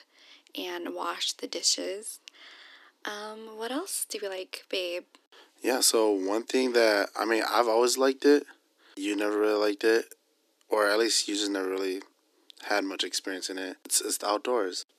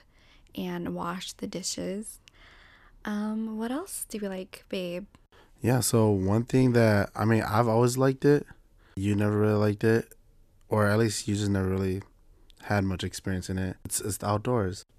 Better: second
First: thin; somewhat; fading below 300 Hz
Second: none

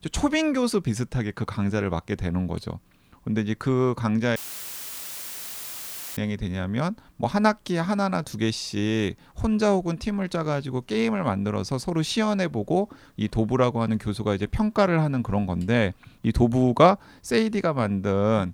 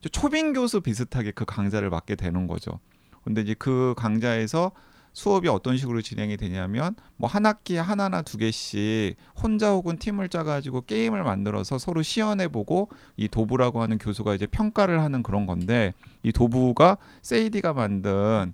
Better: second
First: audio cutting out; filled with static; at 4.5 s for 2 s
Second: none

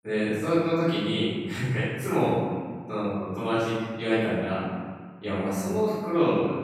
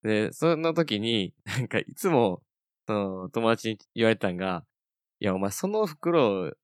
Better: second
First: off-mic speech; far // room echo; strong; dies away in 1.5 s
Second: none

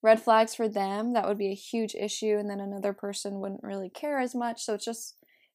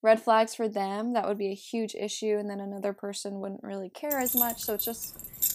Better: first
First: none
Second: jangling keys; loud; from 4 s on; peak 5 dB above the speech

